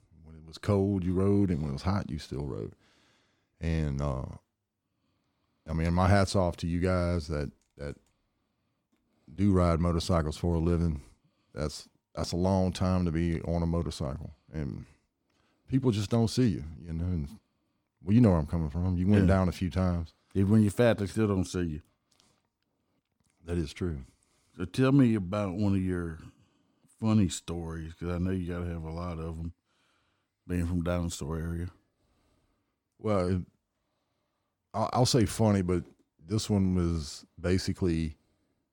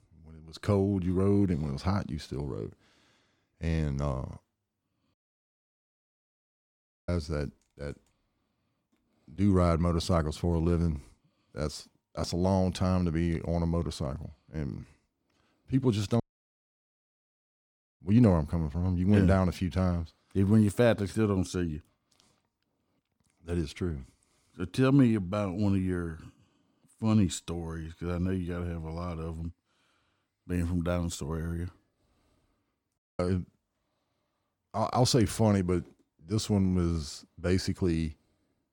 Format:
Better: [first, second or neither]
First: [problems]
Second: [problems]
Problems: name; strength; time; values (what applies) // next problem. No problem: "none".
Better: first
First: none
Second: audio cutting out; at 5 s for 2 s, at 16 s for 2 s and at 33 s